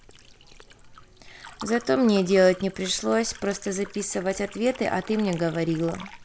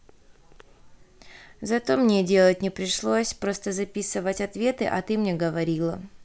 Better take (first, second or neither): second